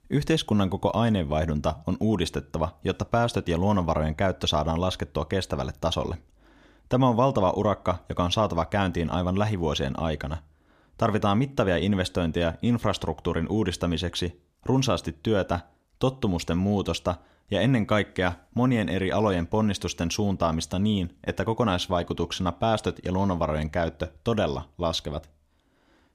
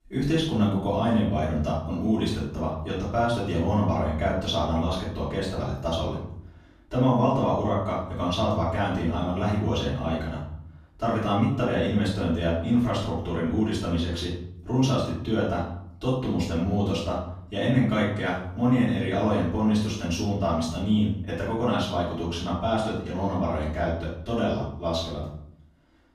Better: first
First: none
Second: off-mic speech; far // room echo; noticeable; dies away in 0.6 s

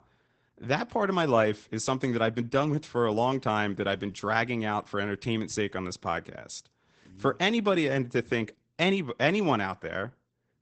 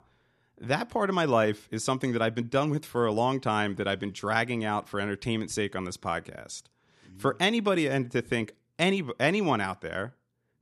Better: second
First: garbled, watery; badly; nothing above 8 kHz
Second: none

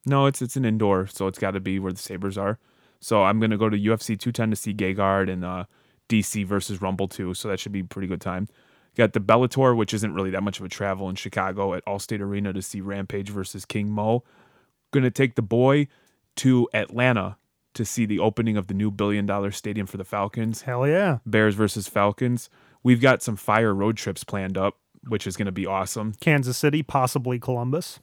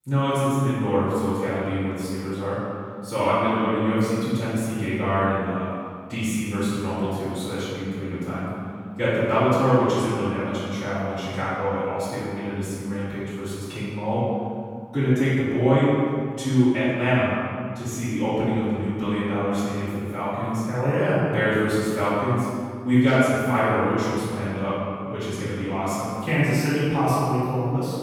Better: first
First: none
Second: room echo; strong; dies away in 1.8 s // off-mic speech; far

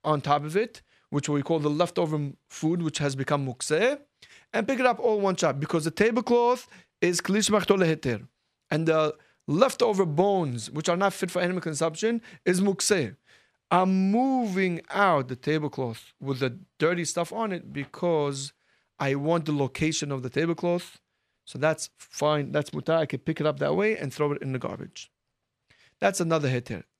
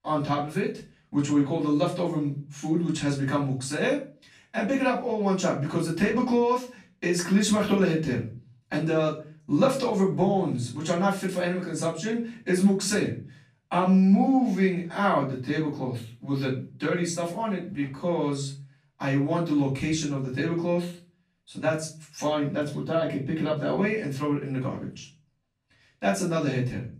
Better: first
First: none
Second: room echo; slight; dies away in 0.4 s // off-mic speech; far

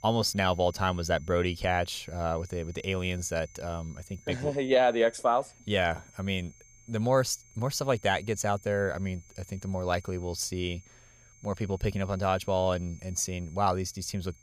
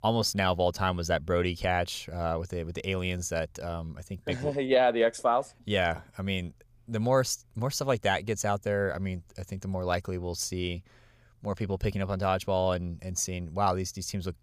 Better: second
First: high-pitched whine; faint; throughout; 6.5 kHz, 25 dB below the speech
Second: none

